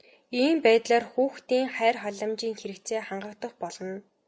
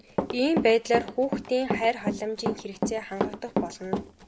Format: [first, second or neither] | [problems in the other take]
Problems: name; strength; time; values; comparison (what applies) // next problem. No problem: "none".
first | background sound (Run); 4 dB below the speech